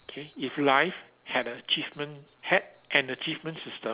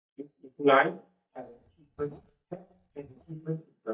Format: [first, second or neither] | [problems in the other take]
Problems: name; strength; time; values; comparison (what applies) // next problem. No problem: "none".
first | noise reduction (neural mask model DeepFilterNet 3)